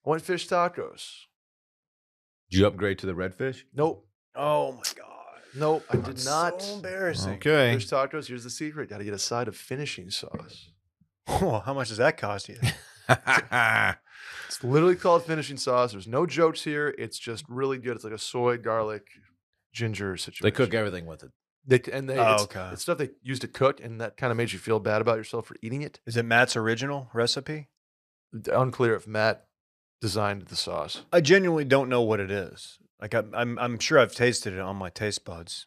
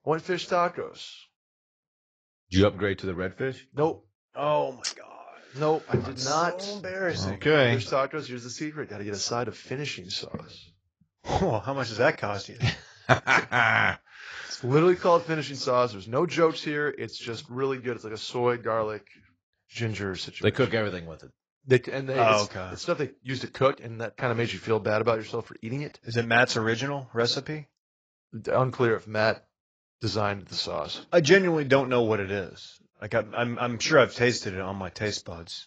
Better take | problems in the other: first | garbled, watery; badly; nothing above 7.5 kHz

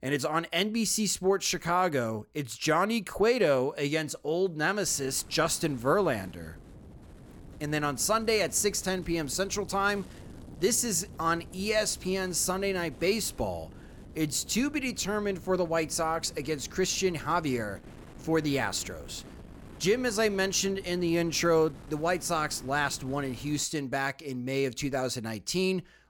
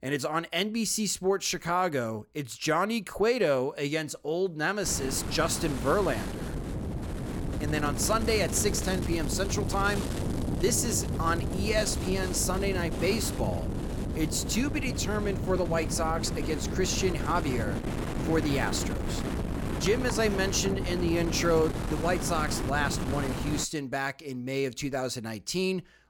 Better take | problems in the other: first | wind noise on the microphone; heavy; from 5 to 24 s; 8 dB below the speech; occasional gusts in the first

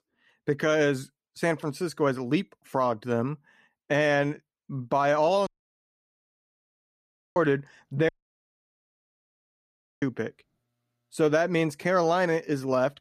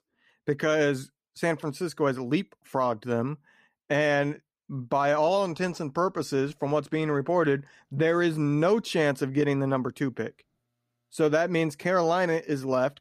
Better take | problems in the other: second | audio cutting out; at 5.5 s for 2 s and at 8 s for 2 s

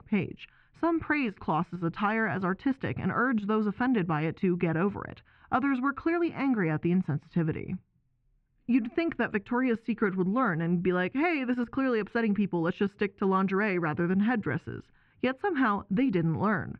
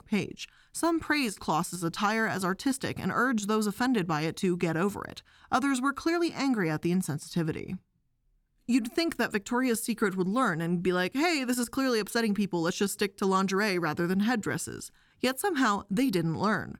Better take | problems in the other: second | muffled; very; fading above 2.5 kHz

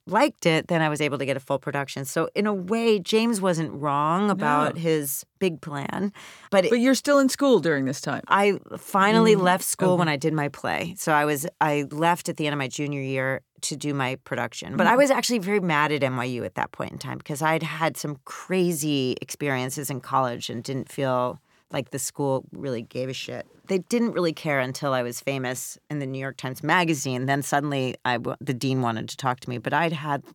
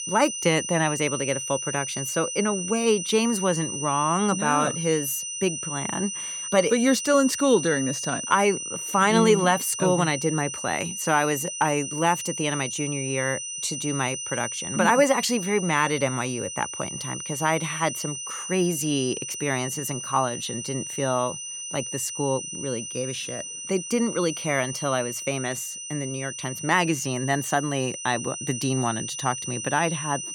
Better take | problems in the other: first | high-pitched whine; loud; throughout; 6 kHz, 5 dB below the speech

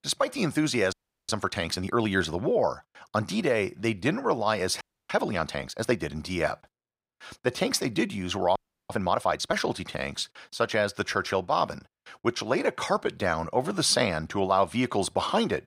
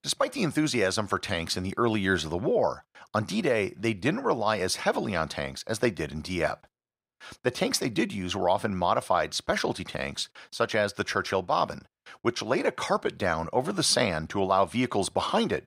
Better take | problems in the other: second | audio freezing; at 1 s, at 5 s and at 8.5 s

